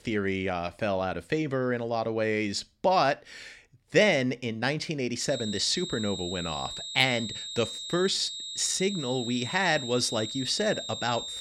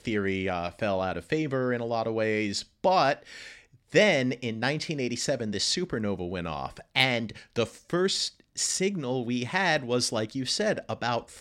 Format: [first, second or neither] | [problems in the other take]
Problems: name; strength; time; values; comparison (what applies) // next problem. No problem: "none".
second | high-pitched whine; loud; from 5.5 s on; 3.5 kHz, 7 dB below the speech